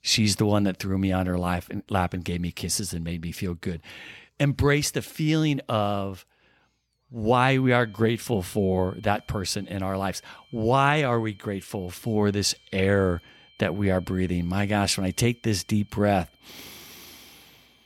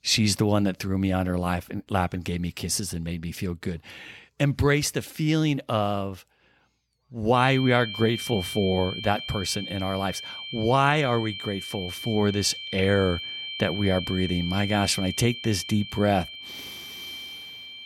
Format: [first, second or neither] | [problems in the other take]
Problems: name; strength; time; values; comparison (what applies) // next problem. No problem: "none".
first | high-pitched whine; loud; from 7.5 s on; 3 kHz, 8 dB below the speech; faint in the first